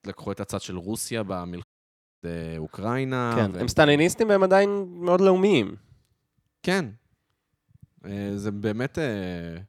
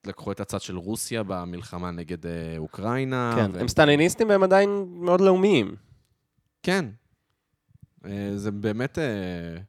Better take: second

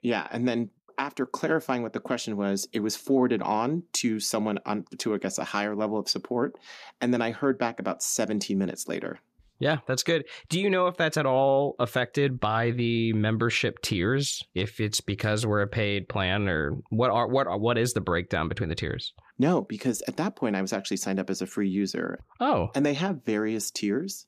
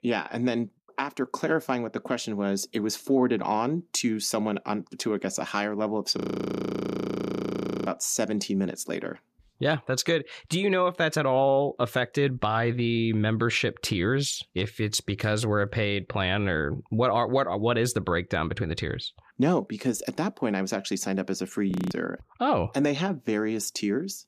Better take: first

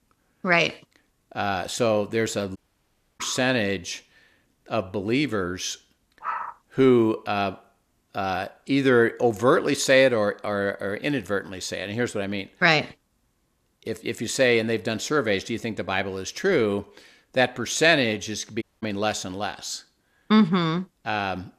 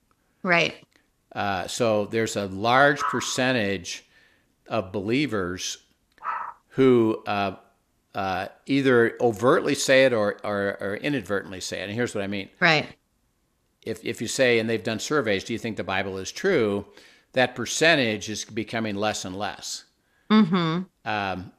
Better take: second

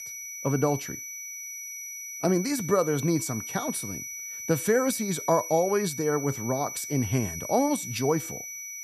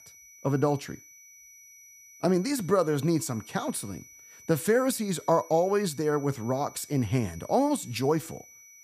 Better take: second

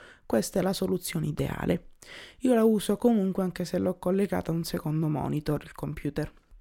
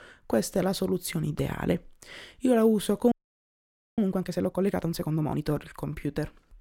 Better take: first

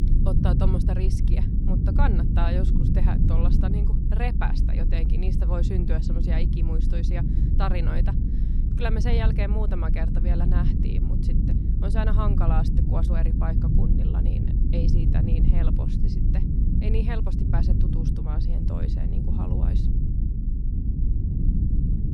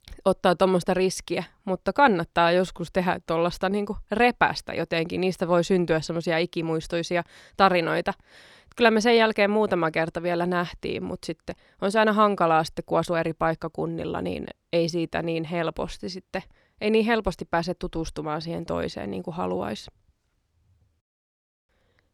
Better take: second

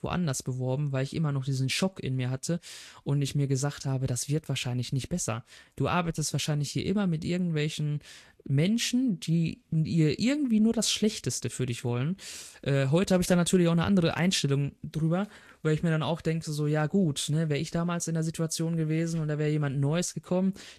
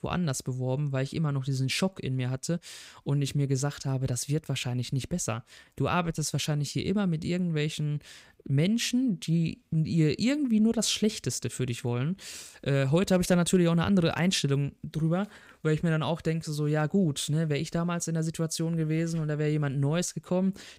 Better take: second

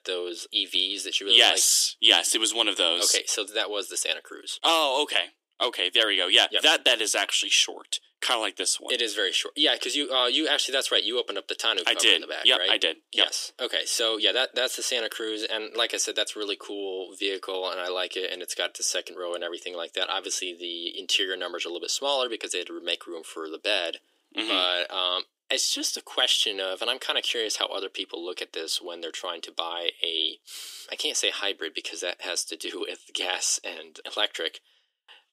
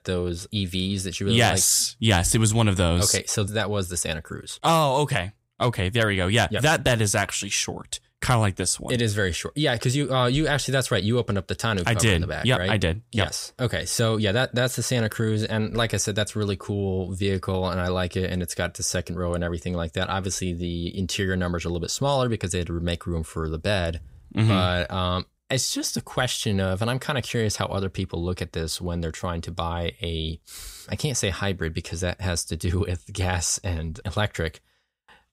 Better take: second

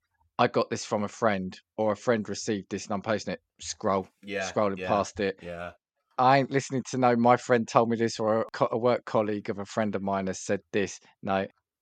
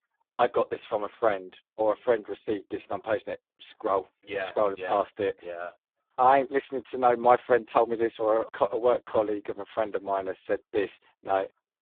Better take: first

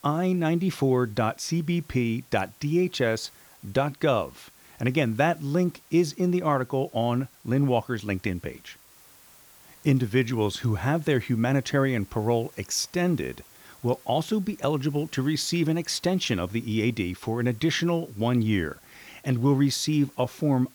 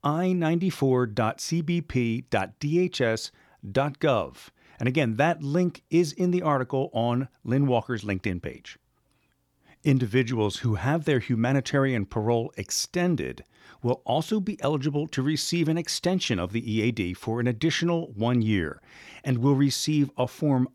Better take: second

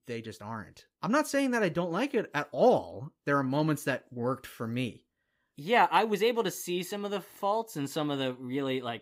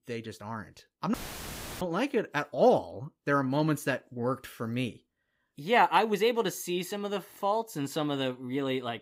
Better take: first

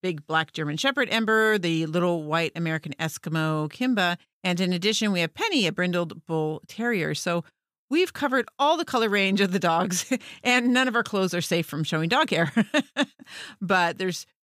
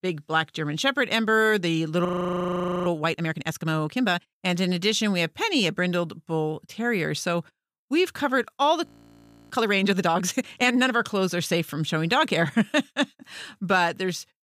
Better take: first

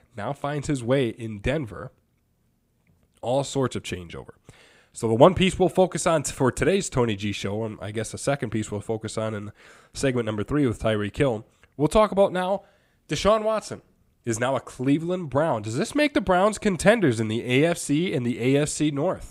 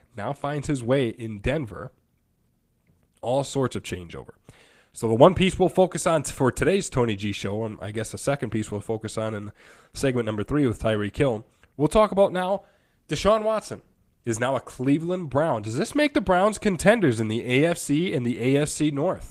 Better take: first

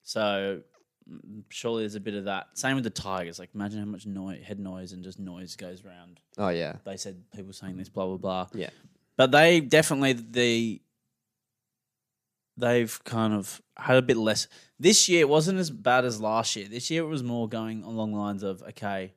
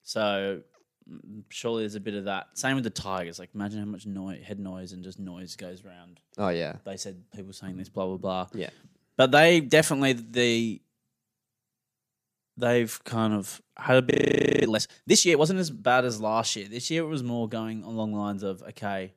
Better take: first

